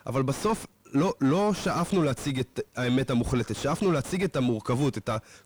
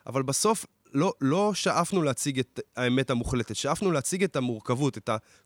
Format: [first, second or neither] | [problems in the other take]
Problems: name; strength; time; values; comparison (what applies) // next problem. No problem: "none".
second | distortion; heavy; 7 dB below the speech